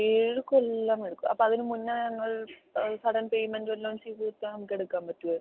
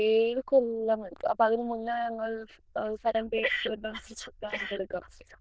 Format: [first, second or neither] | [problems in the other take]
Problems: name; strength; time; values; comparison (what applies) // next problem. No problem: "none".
first | noise reduction (neural diffusion model UNIVERSE++)